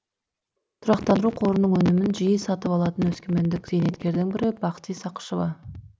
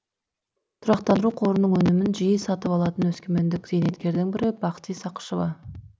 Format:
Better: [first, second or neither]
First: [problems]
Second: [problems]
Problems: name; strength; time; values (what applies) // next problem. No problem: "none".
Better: second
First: background sound (Fart); 19 dB below the speech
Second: none